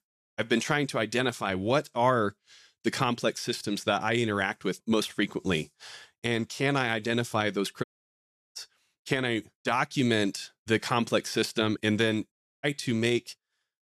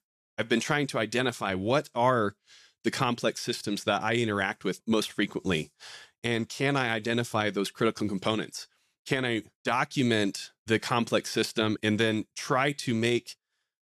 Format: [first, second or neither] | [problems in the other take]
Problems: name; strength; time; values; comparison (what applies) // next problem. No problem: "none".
second | audio cutting out; at 8 s for 0.5 s and at 12 s